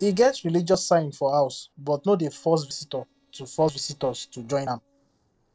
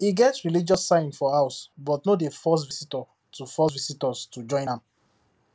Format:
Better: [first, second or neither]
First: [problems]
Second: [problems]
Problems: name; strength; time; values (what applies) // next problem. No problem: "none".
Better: second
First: noise reduction (neural separator model SepFormer DNS4)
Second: none